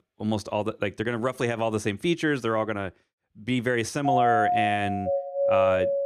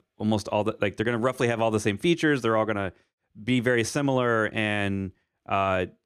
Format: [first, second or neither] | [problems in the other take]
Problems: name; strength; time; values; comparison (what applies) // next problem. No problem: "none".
second | doorbell; loud; from 4 s on; peak 5 dB above the speech